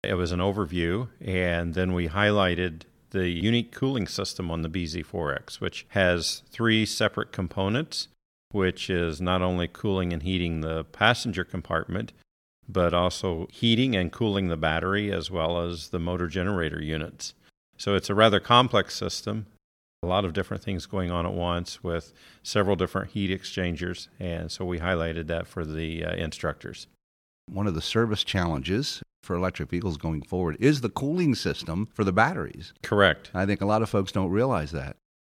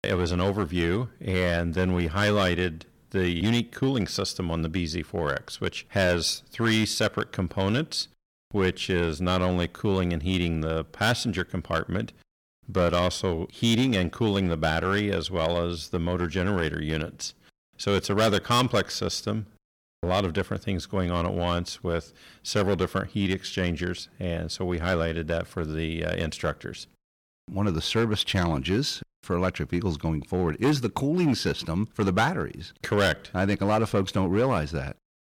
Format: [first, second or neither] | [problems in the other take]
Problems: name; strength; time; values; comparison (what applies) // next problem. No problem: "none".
first | distortion; slight; 4% of the sound clipped